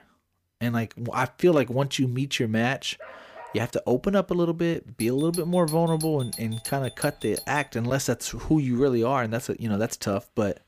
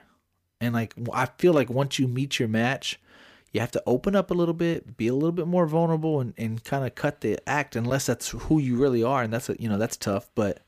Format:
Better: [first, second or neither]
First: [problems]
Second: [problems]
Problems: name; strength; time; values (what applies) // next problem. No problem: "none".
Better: second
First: dog barking; faint; at 3 s; peak 20 dB below the speech // doorbell; noticeable; from 5 to 7.5 s; peak 9 dB below the speech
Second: none